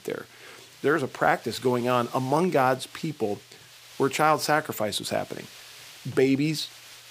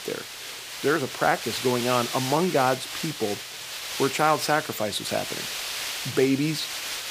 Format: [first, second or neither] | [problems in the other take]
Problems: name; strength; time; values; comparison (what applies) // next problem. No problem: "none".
first | hiss; loud; throughout; 6 dB below the speech; faint in the first